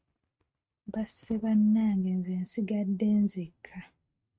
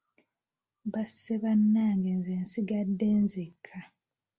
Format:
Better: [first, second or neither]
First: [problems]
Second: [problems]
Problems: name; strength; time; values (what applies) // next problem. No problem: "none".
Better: second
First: noise reduction (neural mask model RNNoise)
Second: none